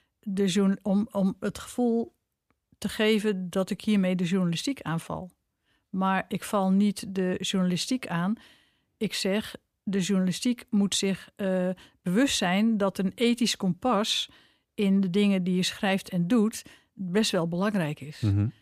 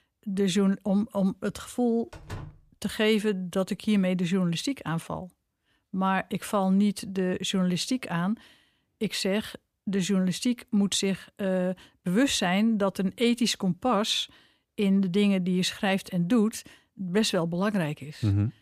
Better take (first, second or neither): first